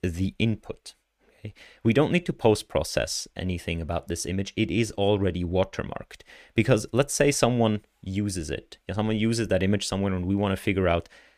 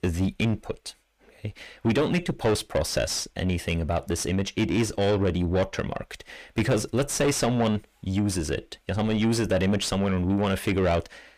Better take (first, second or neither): first